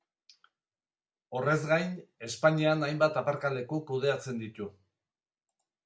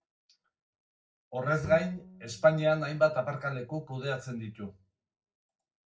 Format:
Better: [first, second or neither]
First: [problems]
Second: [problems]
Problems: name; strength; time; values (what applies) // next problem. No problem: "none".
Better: first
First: none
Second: noise reduction (neural separator model SepFormer DNS4)